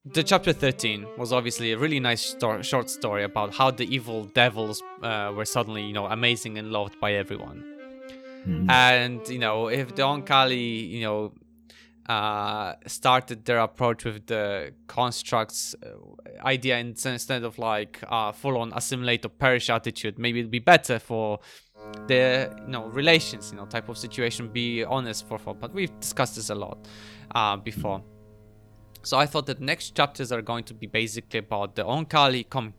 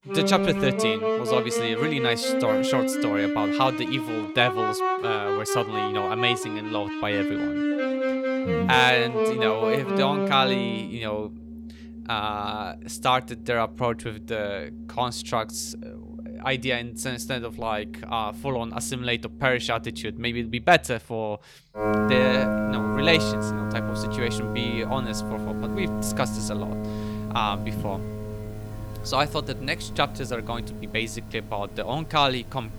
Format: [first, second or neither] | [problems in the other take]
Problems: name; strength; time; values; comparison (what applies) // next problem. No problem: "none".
first | background music; loud; throughout; 2 dB below the speech; faint in the first